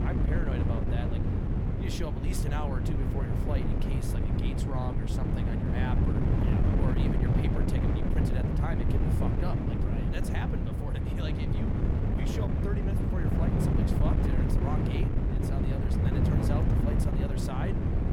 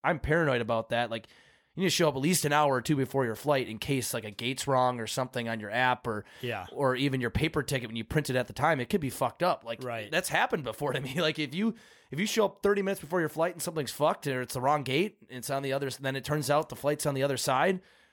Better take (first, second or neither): second